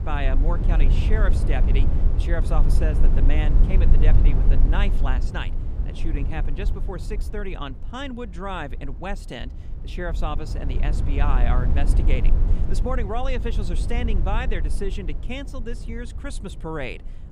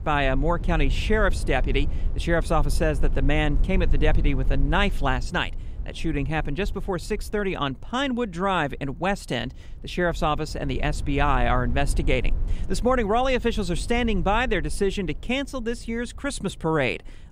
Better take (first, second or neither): second